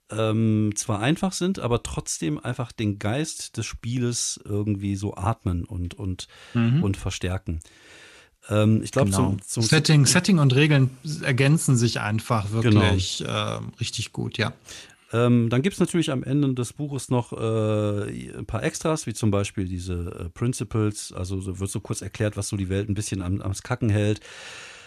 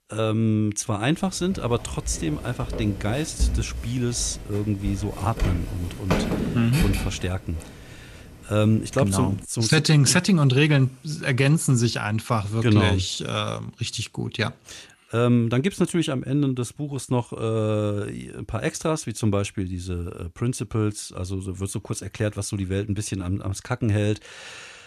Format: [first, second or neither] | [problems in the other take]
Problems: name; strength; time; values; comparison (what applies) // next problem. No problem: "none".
first | footsteps; loud; from 1.5 to 9 s; peak level with the speech